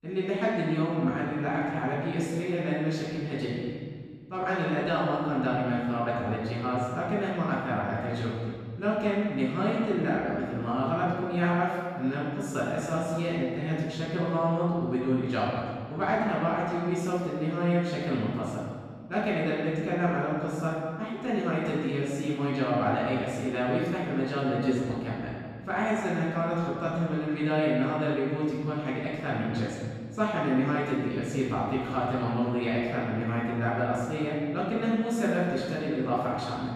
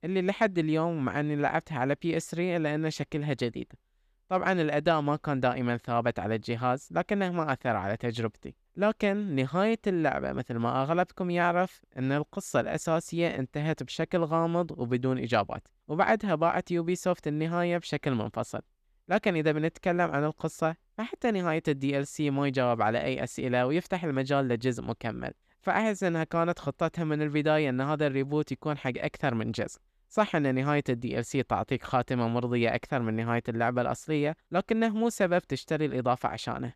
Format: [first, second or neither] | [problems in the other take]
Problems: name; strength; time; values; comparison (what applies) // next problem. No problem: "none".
second | off-mic speech; far // room echo; strong; dies away in 1.8 s